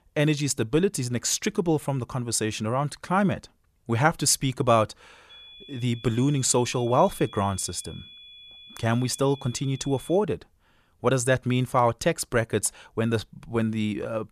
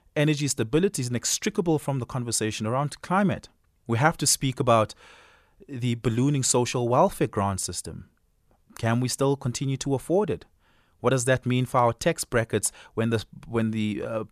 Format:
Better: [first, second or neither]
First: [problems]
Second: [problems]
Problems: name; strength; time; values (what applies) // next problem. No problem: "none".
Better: second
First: high-pitched whine; noticeable; from 5.5 to 10 s; 3.5 kHz, 20 dB below the speech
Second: none